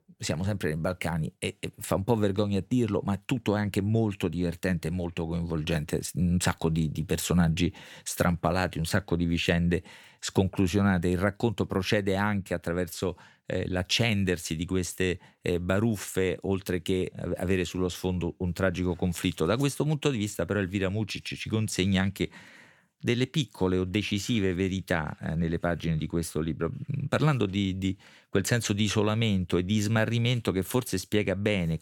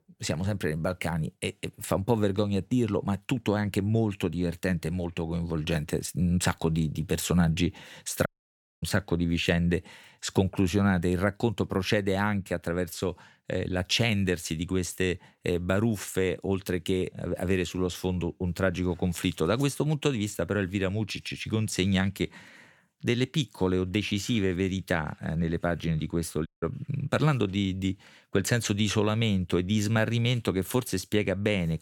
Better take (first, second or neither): first